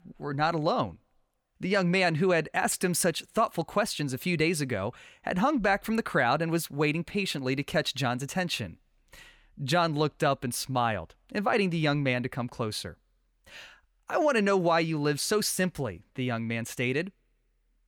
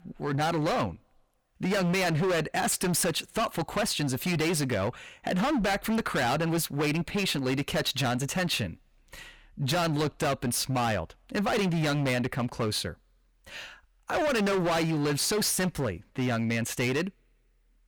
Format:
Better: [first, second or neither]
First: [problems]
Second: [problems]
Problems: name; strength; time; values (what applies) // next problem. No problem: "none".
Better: first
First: none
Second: distortion; heavy; 22% of the sound clipped